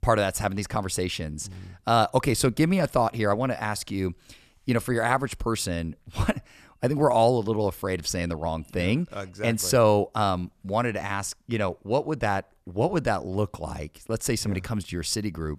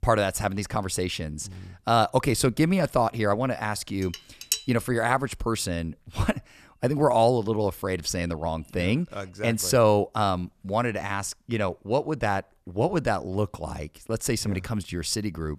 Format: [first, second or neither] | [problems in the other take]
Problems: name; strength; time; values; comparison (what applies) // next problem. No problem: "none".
first | clattering dishes; noticeable; at 4 s; peak 2 dB below the speech